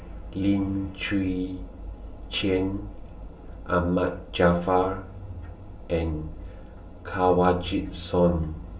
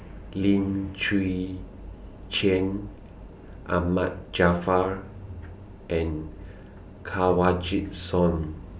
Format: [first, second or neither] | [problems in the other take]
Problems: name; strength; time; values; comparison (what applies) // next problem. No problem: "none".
second | room echo; dies away in 0.2 s